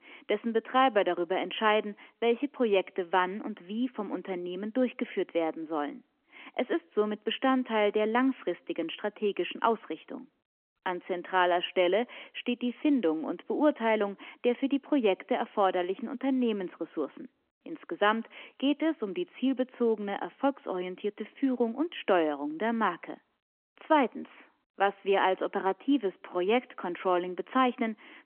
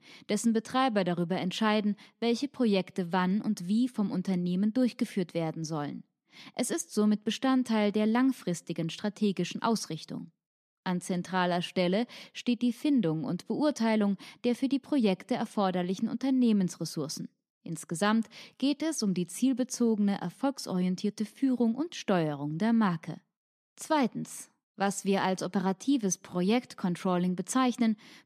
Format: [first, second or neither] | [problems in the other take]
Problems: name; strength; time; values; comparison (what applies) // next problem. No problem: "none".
second | phone-call audio; nothing above 3 kHz